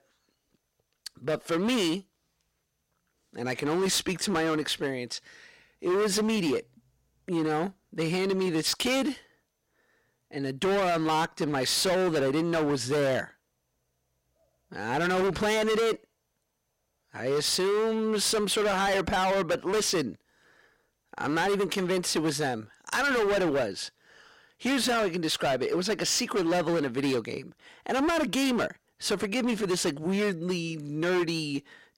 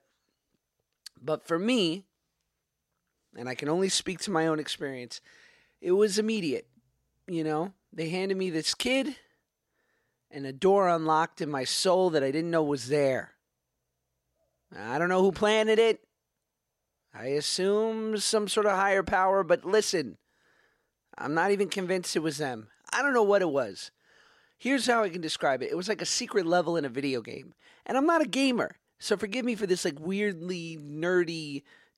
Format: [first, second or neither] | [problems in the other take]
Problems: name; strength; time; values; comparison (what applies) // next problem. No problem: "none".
second | distortion; heavy; 18% of the sound clipped